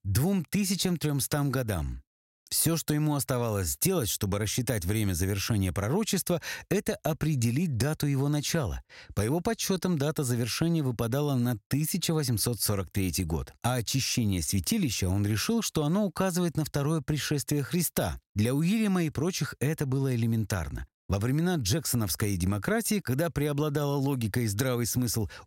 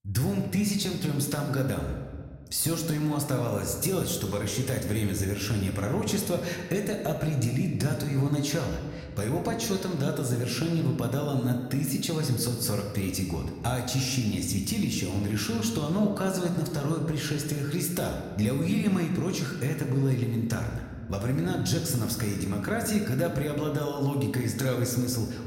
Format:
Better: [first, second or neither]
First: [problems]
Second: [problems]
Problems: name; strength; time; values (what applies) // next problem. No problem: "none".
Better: first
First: none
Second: room echo; slight; dies away in 1.4 s